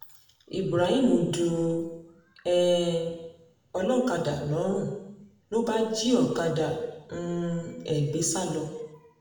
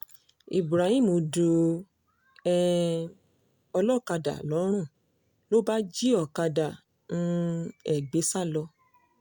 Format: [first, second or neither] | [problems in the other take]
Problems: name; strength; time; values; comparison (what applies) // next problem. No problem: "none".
second | room echo; dies away in 0.9 s